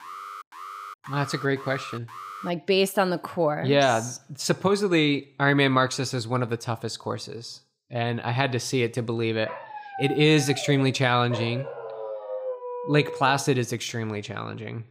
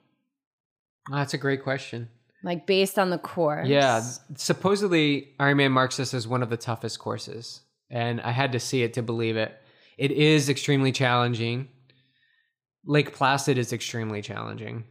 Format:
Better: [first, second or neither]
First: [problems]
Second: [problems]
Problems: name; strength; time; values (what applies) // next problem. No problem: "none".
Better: second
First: alarm; faint; until 2.5 s; peak 15 dB below the speech // dog barking; noticeable; from 9.5 to 13 s; peak 8 dB below the speech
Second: none